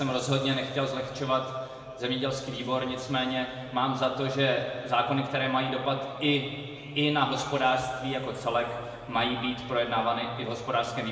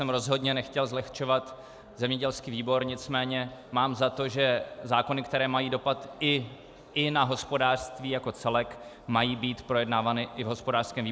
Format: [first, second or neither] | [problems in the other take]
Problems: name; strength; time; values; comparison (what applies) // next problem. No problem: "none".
second | room echo; dies away in 2.1 s